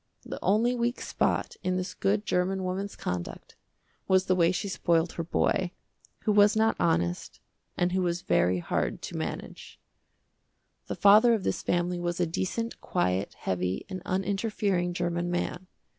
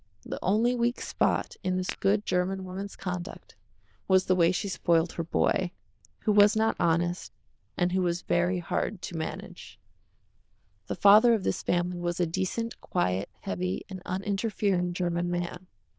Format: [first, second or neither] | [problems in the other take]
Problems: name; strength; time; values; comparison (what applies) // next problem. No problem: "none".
first | noise reduction (neural diffusion model UNIVERSE++)